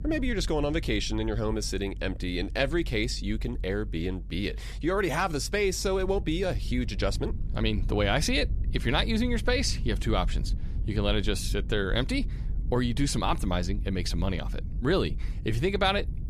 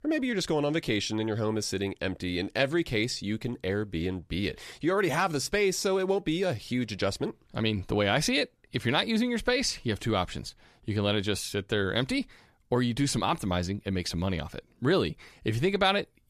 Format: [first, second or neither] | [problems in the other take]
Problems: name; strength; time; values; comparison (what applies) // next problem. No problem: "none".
second | low rumble; faint; throughout; 20 dB below the speech